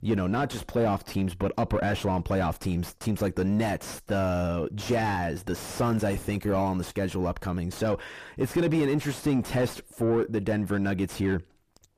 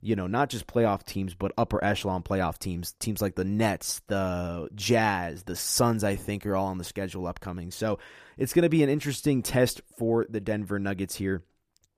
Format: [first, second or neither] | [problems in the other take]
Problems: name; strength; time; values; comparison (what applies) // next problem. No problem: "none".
second | distortion; heavy; 6 dB below the speech